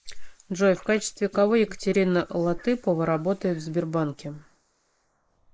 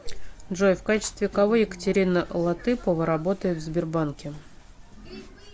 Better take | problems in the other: second | noise reduction (neural mask model Resemble Enhance denoiser)

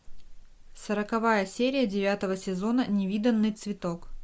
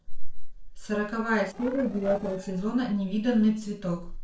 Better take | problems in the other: first | noise reduction (neural separator model SepFormer DNS4)

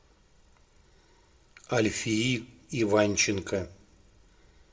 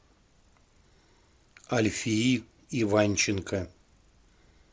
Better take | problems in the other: second | room echo; dies away in 0.3 s

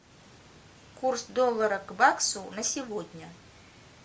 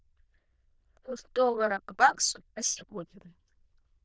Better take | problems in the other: first | noise reduction (neural diffusion model UNIVERSE++)

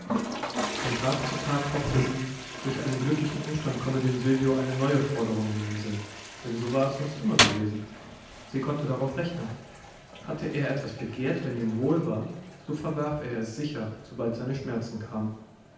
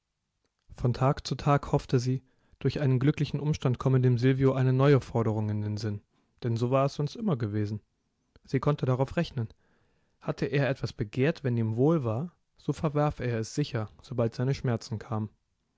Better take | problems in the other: second | background sound (Toilet flush); 6 dB below the speech // room echo; dies away in 0.9 s

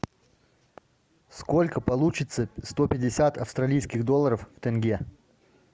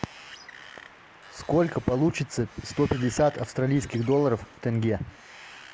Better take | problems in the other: first | background sound (Wind); 20 dB below the speech

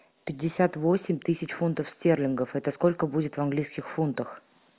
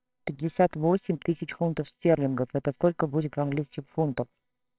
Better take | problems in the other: first | noise reduction (neural separator model SepFormer WHAMR!)

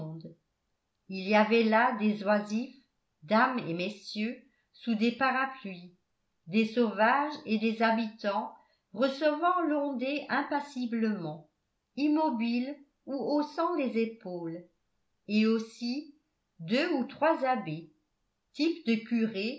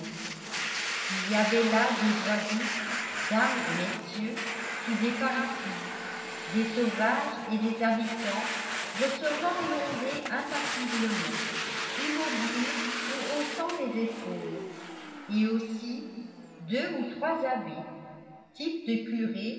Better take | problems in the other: first | background sound (Domestic sounds, home sounds); 4 dB below the speech // room echo; dies away in 2.6 s

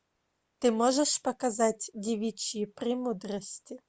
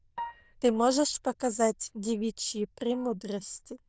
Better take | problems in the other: first | noise reduction (neural diffusion model UNIVERSE++)

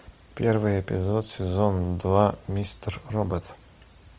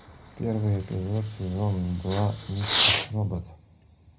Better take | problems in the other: first | background sound (Fireworks); 3 dB below the speech // room echo; dies away in 0.4 s

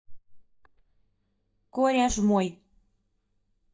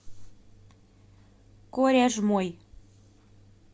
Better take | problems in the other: second | noise reduction (neural mask model DeepFilterNet 3)

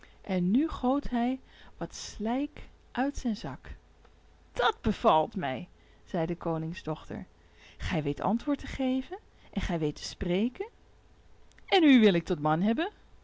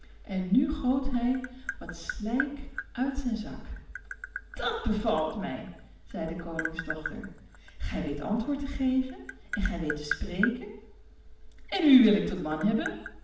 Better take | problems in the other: first | background sound (Tap); 13 dB below the speech // room echo; dies away in 0.8 s

